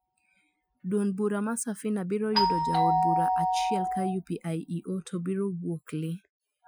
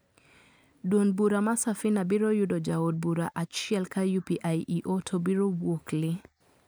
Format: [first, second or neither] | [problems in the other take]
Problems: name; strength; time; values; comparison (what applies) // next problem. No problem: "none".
second | noise reduction (classical method Wiener filter)